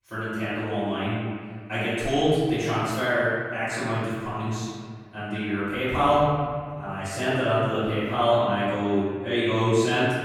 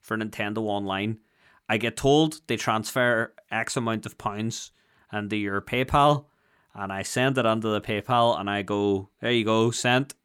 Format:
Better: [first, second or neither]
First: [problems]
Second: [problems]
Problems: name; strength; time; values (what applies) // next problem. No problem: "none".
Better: second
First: off-mic speech; far // room echo; strong; dies away in 1.8 s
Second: none